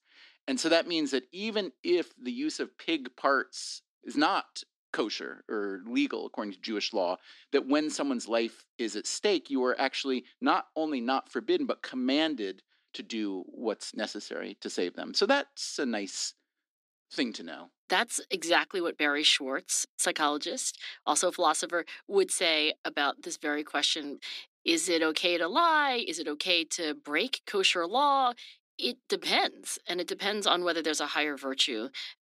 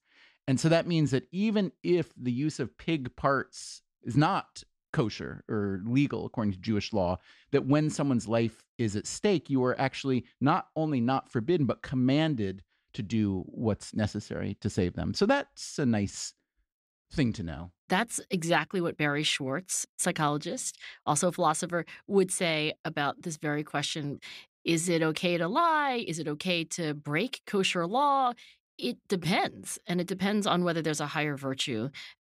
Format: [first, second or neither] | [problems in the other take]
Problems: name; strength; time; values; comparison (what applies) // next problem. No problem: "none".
second | thin; very slightly; fading below 250 Hz